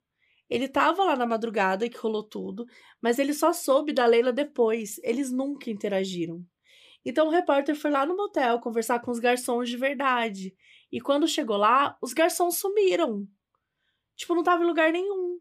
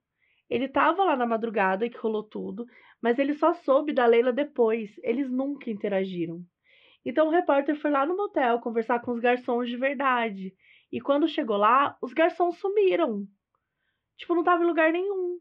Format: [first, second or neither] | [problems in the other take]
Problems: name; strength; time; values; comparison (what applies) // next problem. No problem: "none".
first | muffled; very; fading above 3 kHz